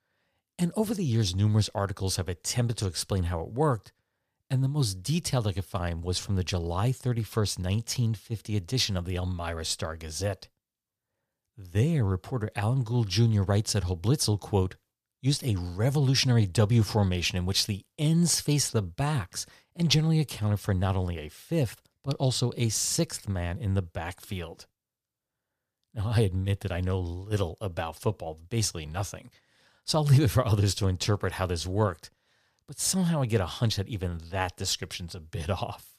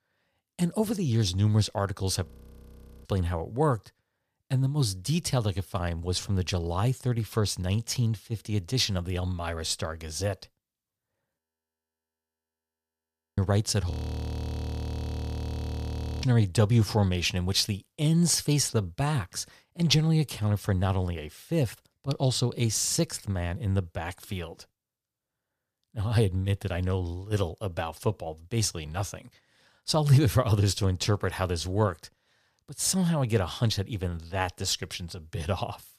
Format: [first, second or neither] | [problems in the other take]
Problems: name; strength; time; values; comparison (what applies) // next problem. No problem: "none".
first | audio freezing; at 2.5 s for 1 s, at 11 s for 2 s and at 14 s for 2.5 s